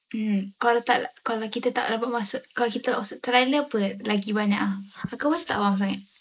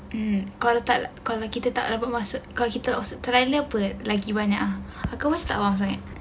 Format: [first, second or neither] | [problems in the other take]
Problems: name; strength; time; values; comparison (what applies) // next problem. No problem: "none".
second | noise reduction (neural mask model Resemble Enhance denoiser)